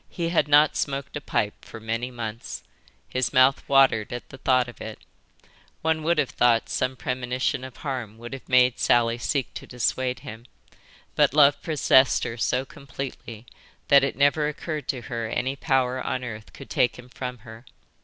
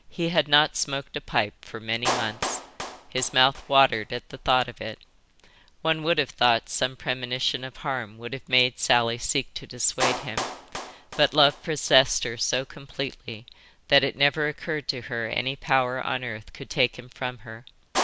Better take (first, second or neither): first